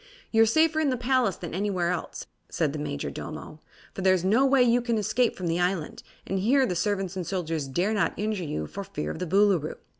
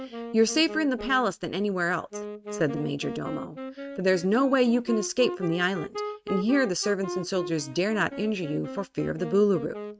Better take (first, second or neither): first